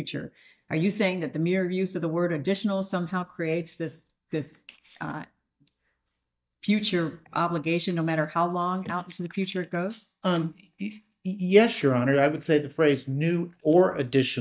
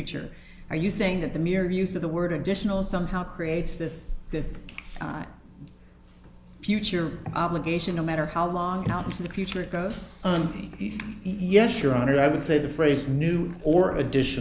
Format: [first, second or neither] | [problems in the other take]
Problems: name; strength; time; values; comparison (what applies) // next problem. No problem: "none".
second | noise reduction (neural mask model DeepFilterNet 3)